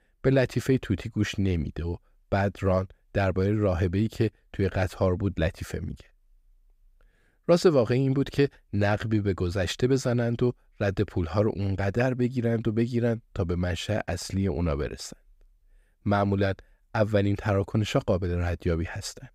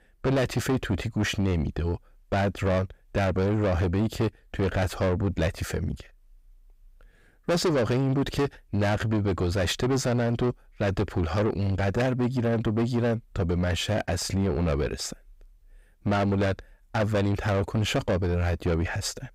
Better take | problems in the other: first | distortion; heavy; 8 dB below the speech

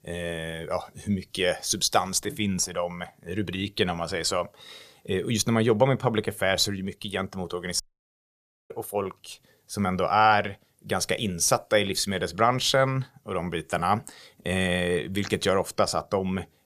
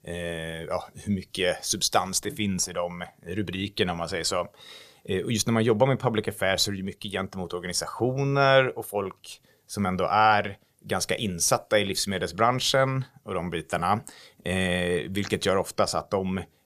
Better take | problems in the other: second | audio cutting out; at 8 s for 1 s

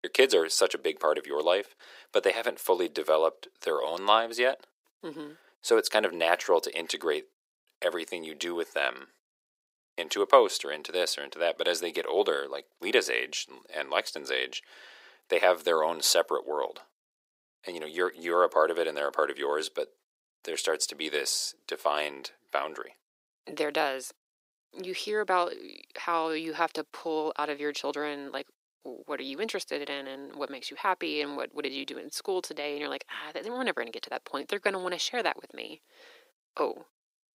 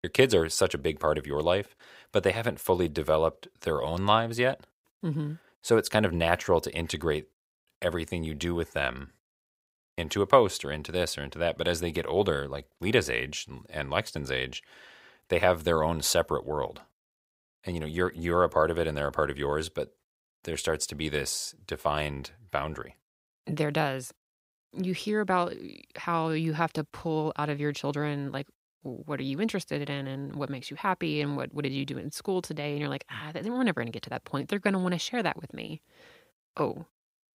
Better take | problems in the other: second | thin; somewhat; fading below 350 Hz

